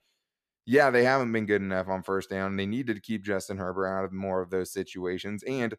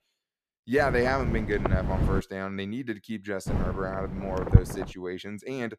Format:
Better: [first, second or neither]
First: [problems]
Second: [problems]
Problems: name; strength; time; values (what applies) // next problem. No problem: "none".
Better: first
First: none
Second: wind noise on the microphone; faint; from 1 to 2 s and from 3.5 to 5 s; 6 dB below the speech